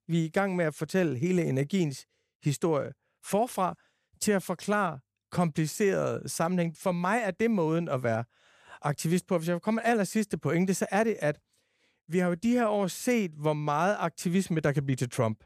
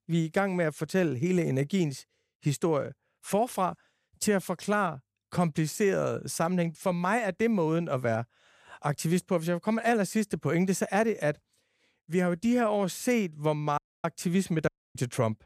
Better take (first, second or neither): first